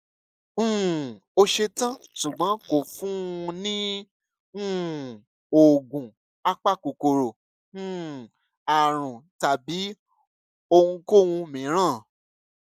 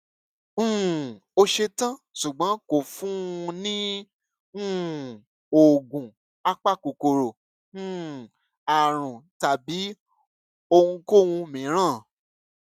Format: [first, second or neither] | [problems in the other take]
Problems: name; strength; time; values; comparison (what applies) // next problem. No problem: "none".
second | noise reduction (neural mask model Resemble Enhance denoiser)